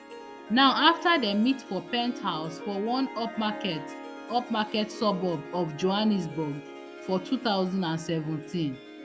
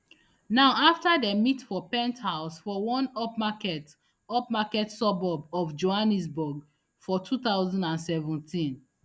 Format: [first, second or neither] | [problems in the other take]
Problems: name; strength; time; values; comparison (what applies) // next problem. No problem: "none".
second | background sound (Harp); 13 dB below the speech